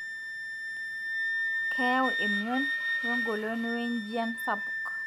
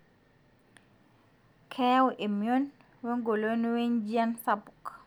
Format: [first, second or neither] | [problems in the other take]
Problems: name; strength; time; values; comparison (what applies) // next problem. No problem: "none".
second | background sound (Wind instrument, woodwind instrument); 2 dB above the speech